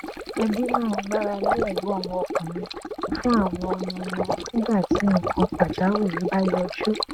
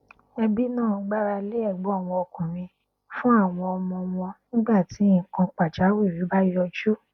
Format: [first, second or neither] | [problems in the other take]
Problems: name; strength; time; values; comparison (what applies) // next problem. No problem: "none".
second | noise reduction (neural mask model RNNoise)